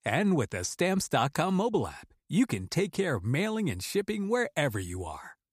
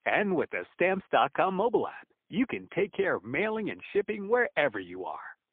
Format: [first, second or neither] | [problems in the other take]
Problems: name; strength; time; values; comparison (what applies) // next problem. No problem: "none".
first | phone-call audio; poor line; nothing above 3.5 kHz